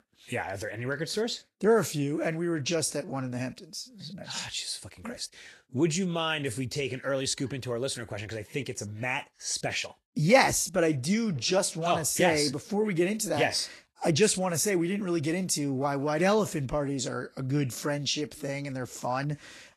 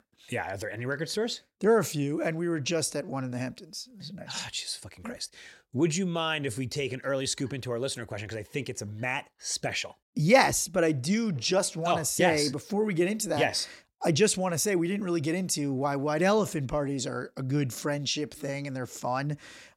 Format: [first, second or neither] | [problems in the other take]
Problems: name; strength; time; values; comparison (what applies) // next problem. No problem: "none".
second | garbled, watery; slightly; nothing above 12 kHz